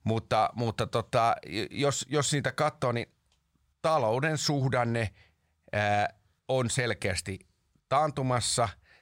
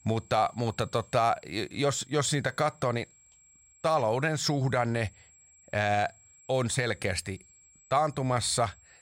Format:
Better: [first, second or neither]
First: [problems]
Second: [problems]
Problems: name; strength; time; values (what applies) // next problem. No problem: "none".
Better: first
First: none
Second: high-pitched whine; faint; throughout; 7.5 kHz, 25 dB below the speech